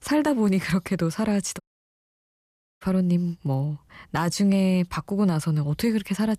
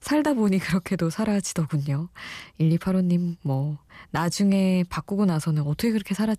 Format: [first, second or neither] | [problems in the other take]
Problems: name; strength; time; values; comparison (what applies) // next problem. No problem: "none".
second | audio cutting out; at 1.5 s for 1 s